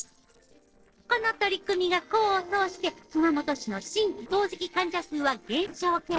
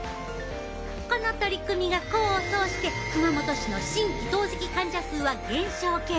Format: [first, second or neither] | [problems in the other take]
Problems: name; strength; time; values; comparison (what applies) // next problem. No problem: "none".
second | noise reduction (neural separator model SepFormer DNS4)